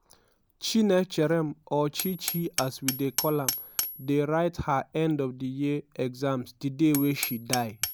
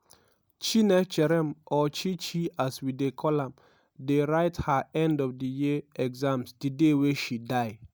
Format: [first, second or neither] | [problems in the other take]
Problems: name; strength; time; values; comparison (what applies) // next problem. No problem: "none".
second | background sound (Hammer); 10 dB below the speech